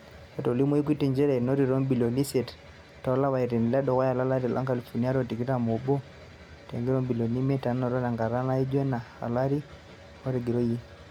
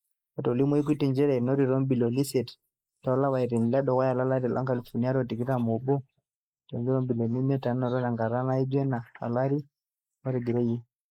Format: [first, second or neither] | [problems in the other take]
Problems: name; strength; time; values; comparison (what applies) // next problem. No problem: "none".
first | noise reduction (neural mask model Resemble Enhance denoiser)